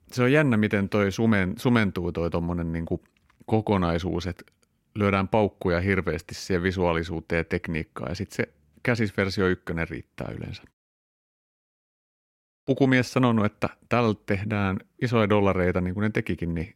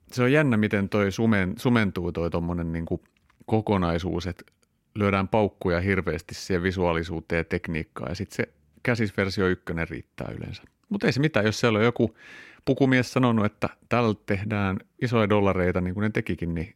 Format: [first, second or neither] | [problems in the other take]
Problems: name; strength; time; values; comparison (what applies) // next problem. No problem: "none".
second | audio cutting out; at 11 s for 2 s